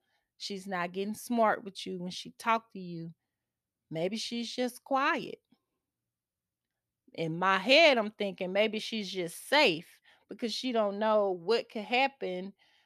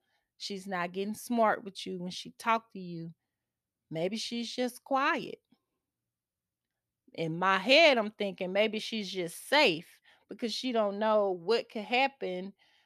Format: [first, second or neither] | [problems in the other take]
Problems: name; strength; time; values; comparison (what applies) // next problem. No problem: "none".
neither | none